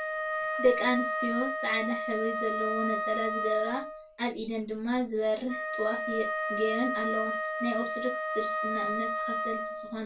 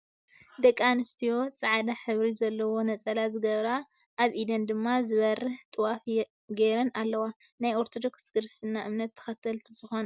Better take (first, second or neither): second